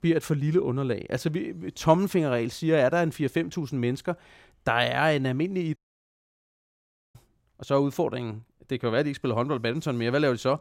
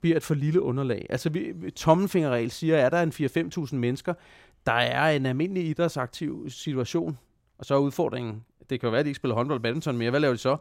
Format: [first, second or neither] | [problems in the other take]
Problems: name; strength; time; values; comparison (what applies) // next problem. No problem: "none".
second | audio cutting out; at 6 s for 1.5 s